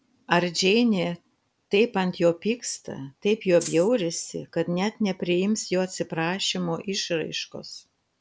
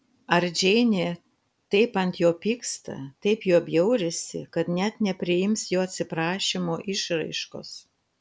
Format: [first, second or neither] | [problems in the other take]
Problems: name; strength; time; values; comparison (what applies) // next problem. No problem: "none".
second | background sound (Rattle (instrument)); 10 dB below the speech